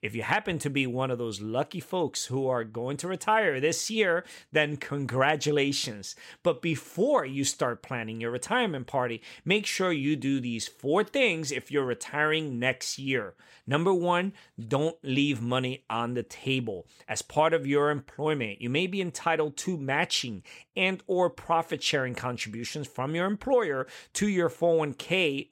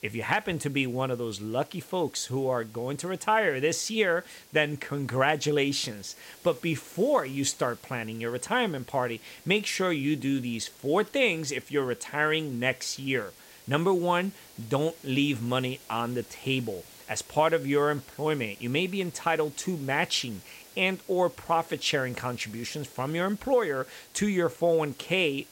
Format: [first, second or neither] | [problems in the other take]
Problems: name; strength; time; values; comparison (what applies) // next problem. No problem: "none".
first | hiss; faint; throughout; 20 dB below the speech